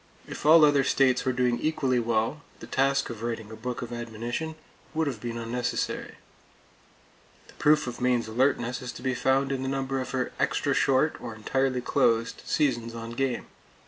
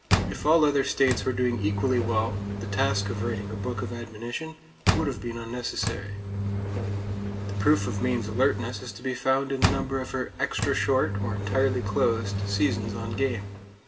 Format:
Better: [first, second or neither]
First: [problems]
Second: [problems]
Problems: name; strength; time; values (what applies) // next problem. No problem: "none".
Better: first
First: none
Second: background sound (Engine); 2 dB below the speech // room echo; dies away in 1.4 s